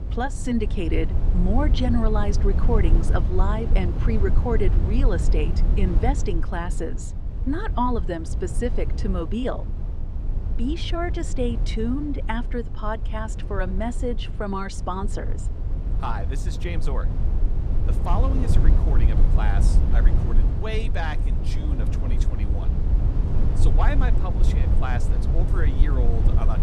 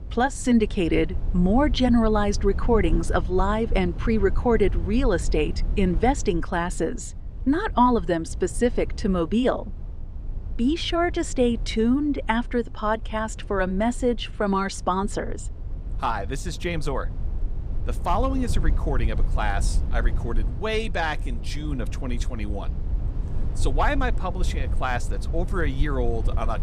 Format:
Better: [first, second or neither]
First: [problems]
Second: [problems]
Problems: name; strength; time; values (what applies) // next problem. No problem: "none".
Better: second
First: low rumble; loud; throughout; 8 dB below the speech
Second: low rumble; faint; throughout; 20 dB below the speech